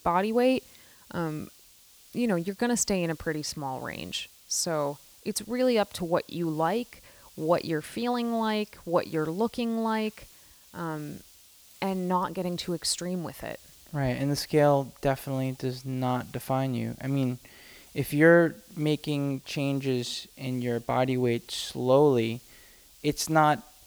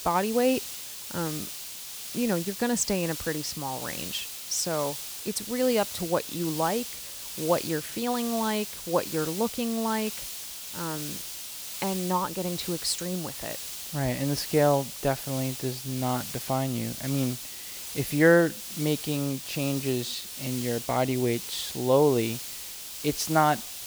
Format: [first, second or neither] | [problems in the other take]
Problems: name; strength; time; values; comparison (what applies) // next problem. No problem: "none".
first | hiss; loud; throughout; 7 dB below the speech; faint in the first